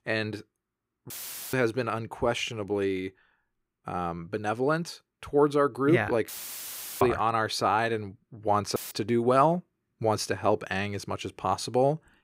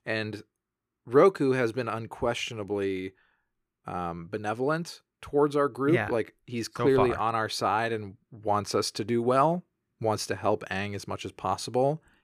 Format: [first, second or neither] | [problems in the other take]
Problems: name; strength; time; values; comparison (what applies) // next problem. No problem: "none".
second | audio cutting out; filled with static; at 1 s, at 6.5 s for 0.5 s and at 9 s